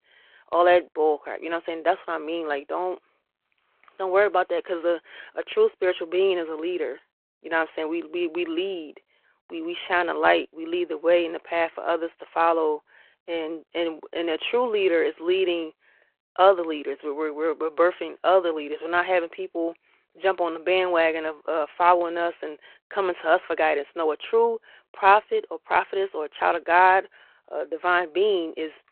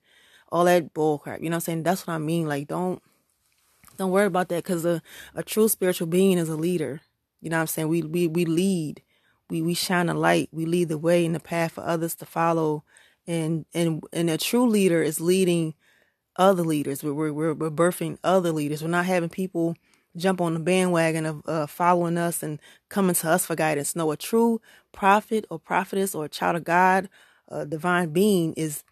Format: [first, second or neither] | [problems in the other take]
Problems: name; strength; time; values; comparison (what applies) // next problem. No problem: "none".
second | phone-call audio